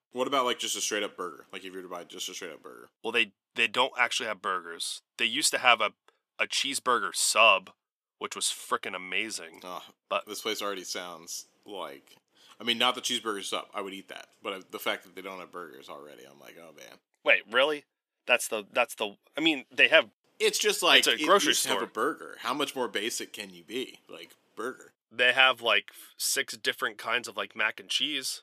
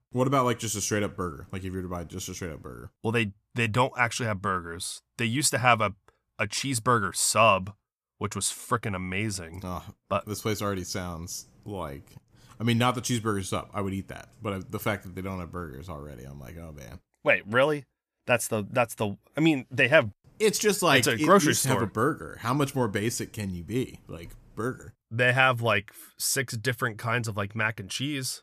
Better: second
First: thin; somewhat; fading below 300 Hz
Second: none

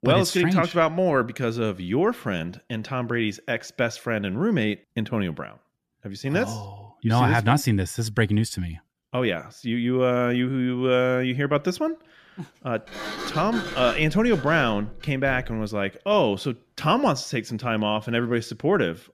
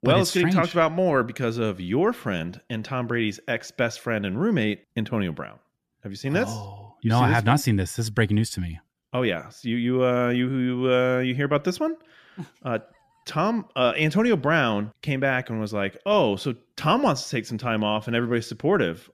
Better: second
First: door banging; noticeable; from 13 to 16 s; peak 6 dB below the speech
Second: none

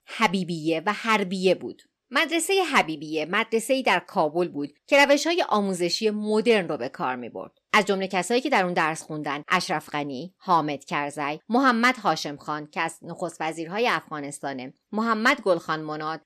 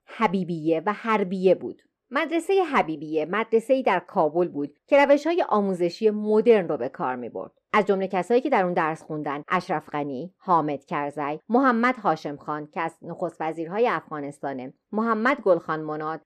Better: first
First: none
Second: muffled; slightly; fading above 2.5 kHz

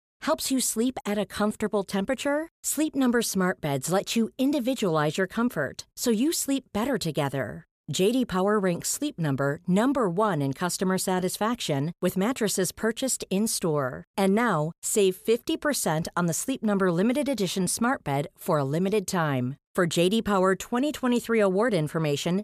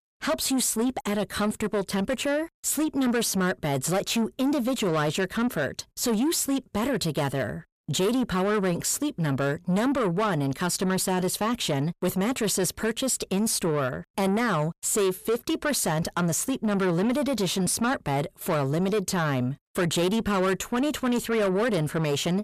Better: first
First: none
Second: distortion; slight; 10 dB below the speech

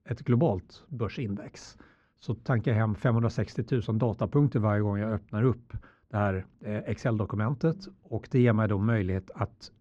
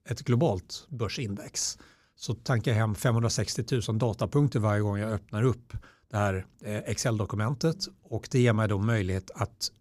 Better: second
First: muffled; very; fading above 2 kHz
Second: none

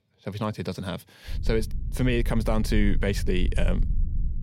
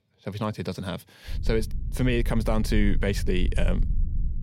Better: neither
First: low rumble; noticeable; from 1.5 s on; 20 dB below the speech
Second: low rumble; noticeable; from 1.5 s on; 20 dB below the speech

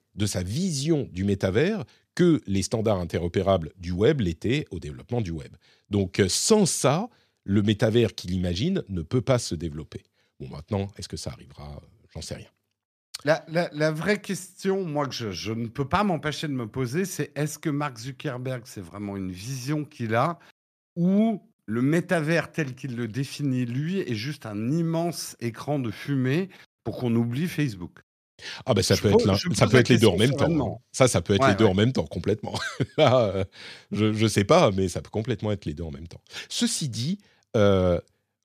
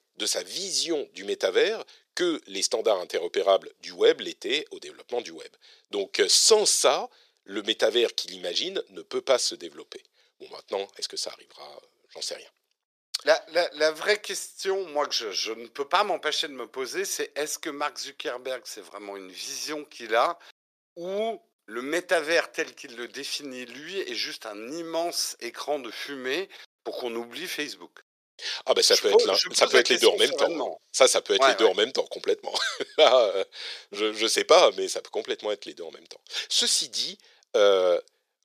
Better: first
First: none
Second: thin; very; fading below 450 Hz

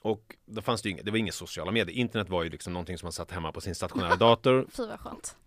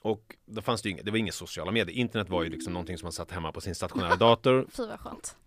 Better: first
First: none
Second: phone ringing; noticeable; at 2.5 s; peak 9 dB below the speech

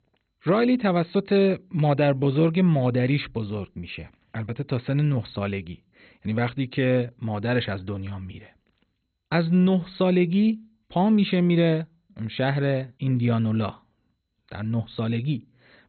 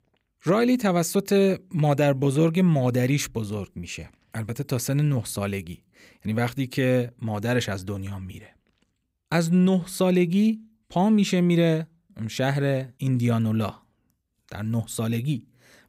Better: second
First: garbled, watery; badly; nothing above 4 kHz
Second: none

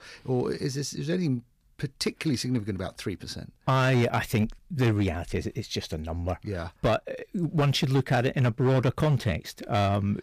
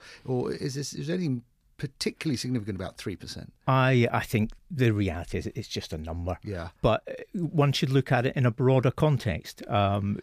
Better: second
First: distortion; slight; 5% of the sound clipped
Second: none

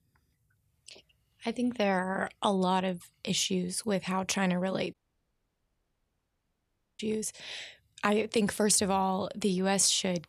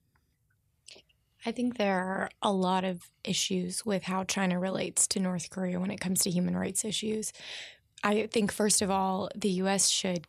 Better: second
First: audio cutting out; at 5 s for 2 s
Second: none

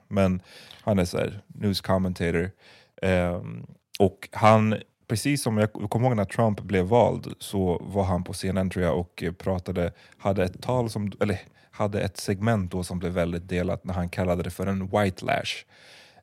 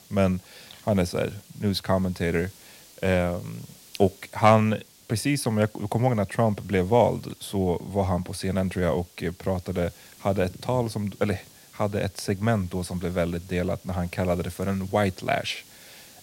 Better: first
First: none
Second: hiss; faint; throughout; 25 dB below the speech

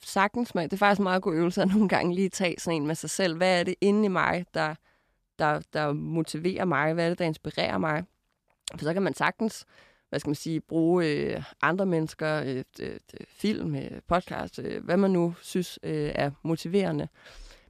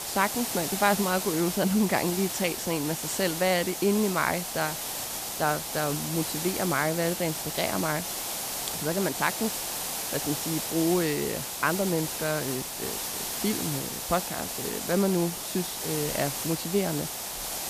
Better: first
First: none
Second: hiss; loud; throughout; 3 dB below the speech

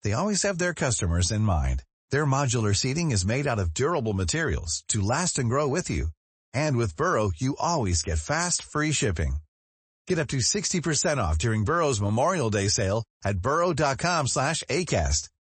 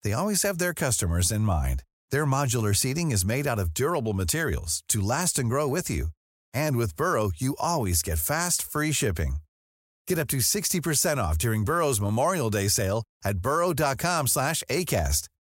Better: second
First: garbled, watery; slightly; nothing above 8 kHz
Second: none

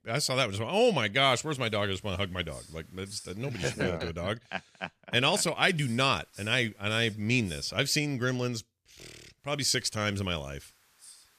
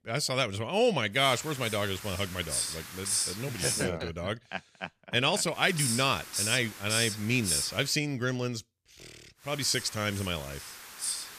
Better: first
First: hiss; faint; from 1 to 4 s, from 5.5 to 8 s and from 9.5 s on; 25 dB below the speech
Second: hiss; loud; from 1 to 4 s, from 5.5 to 8 s and from 9.5 s on; 3 dB below the speech

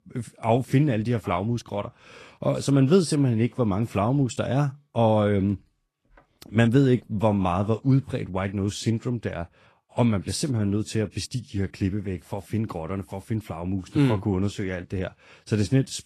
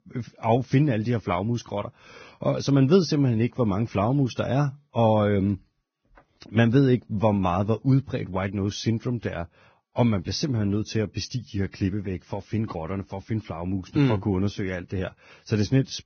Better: first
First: garbled, watery; slightly; nothing above 12.5 kHz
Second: garbled, watery; badly; nothing above 6.5 kHz

